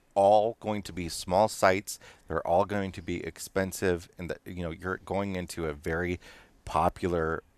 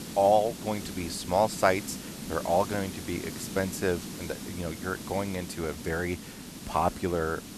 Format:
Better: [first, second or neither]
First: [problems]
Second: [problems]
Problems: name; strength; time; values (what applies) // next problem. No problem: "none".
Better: first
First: none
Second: hiss; loud; throughout; 10 dB below the speech